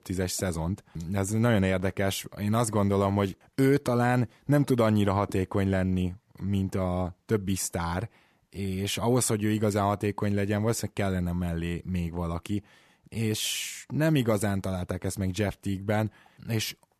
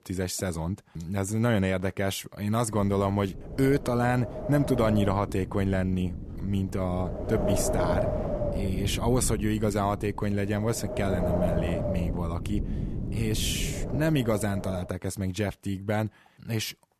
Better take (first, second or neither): first